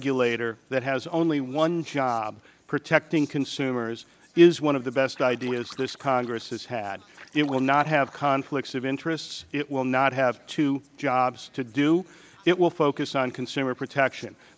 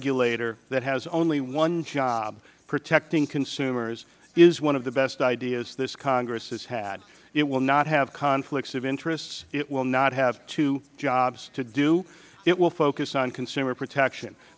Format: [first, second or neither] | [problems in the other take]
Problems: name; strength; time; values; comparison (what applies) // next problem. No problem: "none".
second | noise reduction (neural mask model Resemble Enhance denoiser)